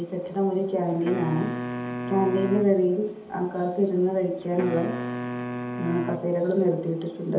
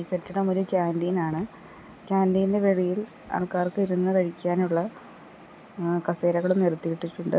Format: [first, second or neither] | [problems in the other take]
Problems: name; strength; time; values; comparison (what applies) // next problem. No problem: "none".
second | background sound (Wind instrument, woodwind instrument); 8 dB below the speech // room echo; dies away in 1.2 s